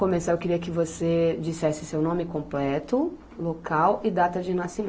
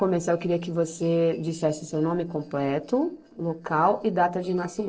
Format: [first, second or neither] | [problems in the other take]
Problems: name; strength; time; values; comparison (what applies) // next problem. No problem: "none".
first | noise reduction (neural separator model SepFormer DNS4)